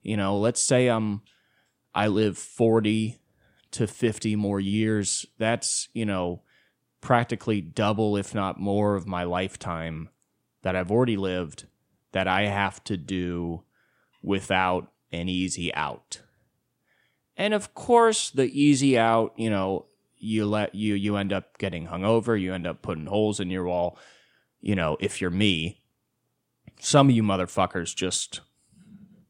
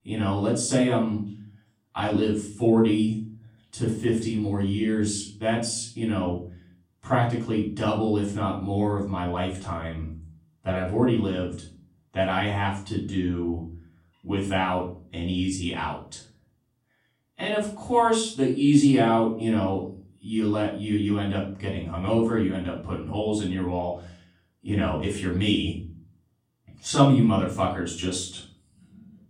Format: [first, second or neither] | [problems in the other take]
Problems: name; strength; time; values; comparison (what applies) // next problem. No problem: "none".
first | off-mic speech; far // room echo; slight; dies away in 0.5 s